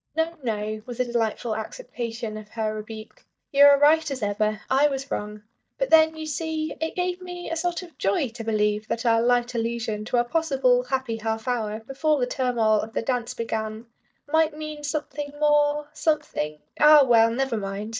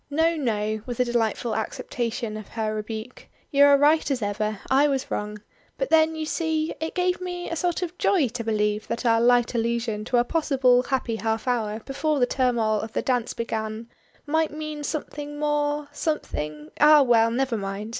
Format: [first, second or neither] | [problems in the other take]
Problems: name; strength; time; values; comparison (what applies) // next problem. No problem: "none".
second | noise reduction (neural mask model DeepFilterNet 3)